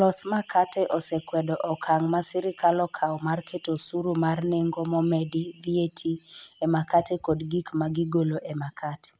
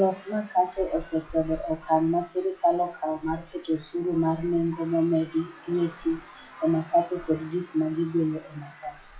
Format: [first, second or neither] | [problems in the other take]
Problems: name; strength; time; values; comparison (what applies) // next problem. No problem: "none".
first | noise reduction (classical method WPE with log-MMSE)